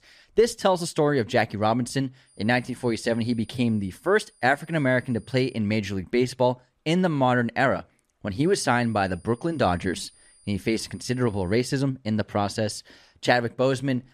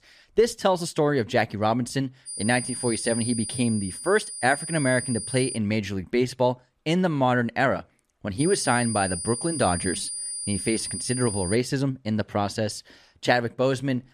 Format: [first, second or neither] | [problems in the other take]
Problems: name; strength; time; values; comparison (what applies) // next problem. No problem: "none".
first | high-pitched whine; loud; from 2.5 to 5.5 s and from 8.5 to 12 s; 9.5 kHz, 6 dB below the speech; faint in the first